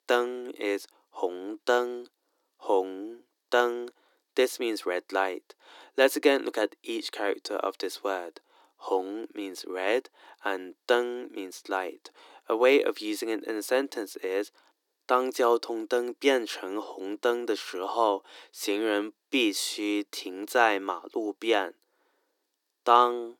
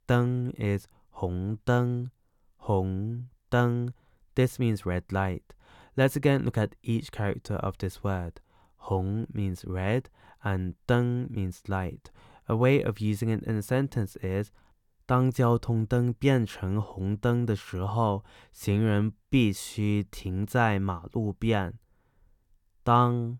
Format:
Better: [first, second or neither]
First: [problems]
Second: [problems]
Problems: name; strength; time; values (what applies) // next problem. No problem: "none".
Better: second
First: thin; very; fading below 300 Hz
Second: none